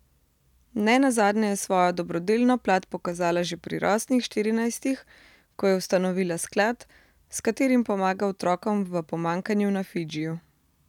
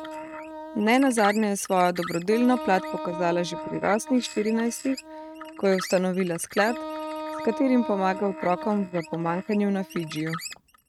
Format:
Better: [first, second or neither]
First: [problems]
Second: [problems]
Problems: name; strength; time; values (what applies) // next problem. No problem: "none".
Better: first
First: none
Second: noise reduction (neural mask model RNNoise)